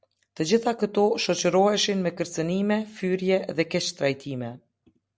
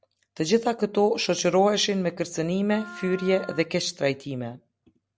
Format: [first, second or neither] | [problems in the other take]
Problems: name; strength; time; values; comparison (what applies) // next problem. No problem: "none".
first | background sound (Wind instrument, woodwind instrument); 19 dB below the speech